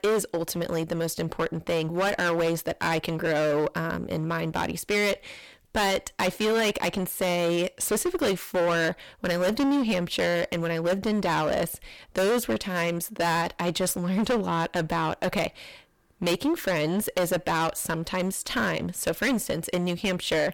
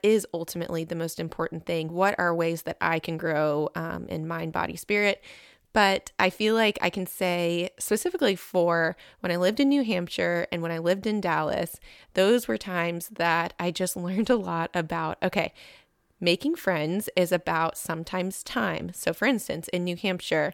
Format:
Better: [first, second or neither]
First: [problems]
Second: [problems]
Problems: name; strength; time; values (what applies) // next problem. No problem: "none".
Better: second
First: distortion; heavy; 17% of the sound clipped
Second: none